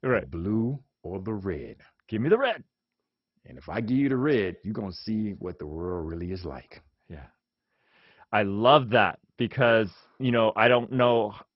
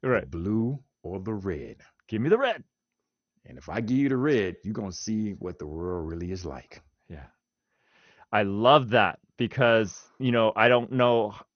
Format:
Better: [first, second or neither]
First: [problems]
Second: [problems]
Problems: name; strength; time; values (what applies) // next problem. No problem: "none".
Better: second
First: garbled, watery; badly; nothing above 5.5 kHz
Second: garbled, watery; slightly; nothing above 6.5 kHz